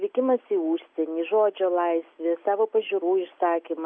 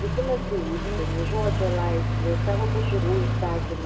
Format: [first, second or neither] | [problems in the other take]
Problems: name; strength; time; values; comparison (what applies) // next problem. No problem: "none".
first | background sound (Accelerating, revving, vroom); 4 dB above the speech // room echo; dies away in 0.6 s